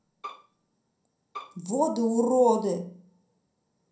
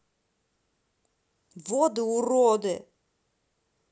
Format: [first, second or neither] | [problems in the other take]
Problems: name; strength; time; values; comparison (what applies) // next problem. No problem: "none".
second | background sound (Bowed string instrument); 16 dB below the speech // room echo; dies away in 0.6 s